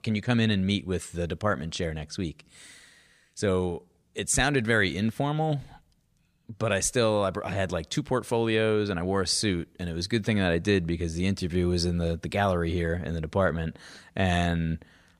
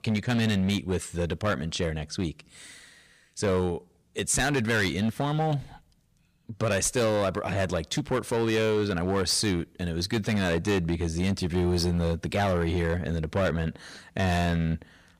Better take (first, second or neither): first